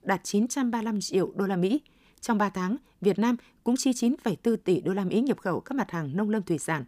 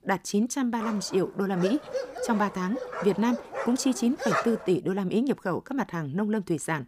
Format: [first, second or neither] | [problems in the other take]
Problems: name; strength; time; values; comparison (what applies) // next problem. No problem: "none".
first | dog barking; noticeable; from 1 to 4.5 s; peak 1 dB below the speech